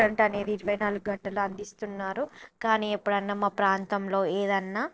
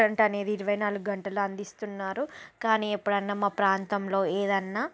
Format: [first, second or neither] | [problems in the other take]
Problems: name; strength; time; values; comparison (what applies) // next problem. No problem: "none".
second | noise reduction (neural separator model SepFormer DNS4)